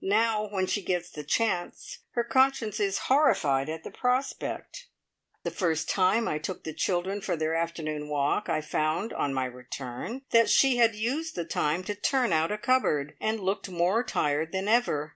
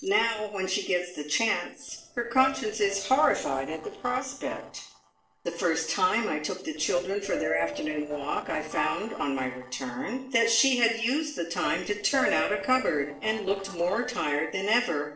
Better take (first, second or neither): first